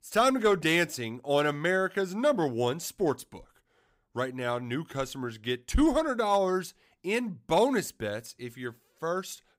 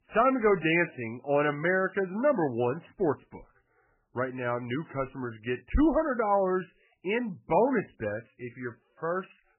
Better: first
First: none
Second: garbled, watery; badly; nothing above 3 kHz

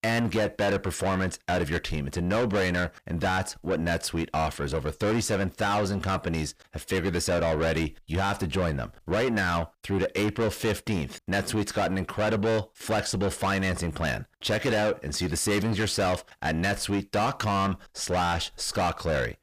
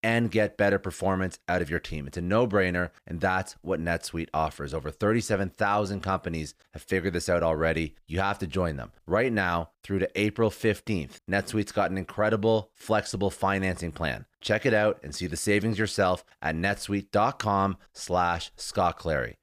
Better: second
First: distortion; heavy; 7 dB below the speech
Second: none

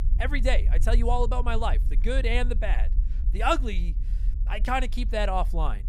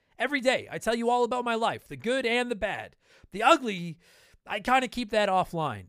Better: second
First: low rumble; faint; throughout; 20 dB below the speech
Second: none

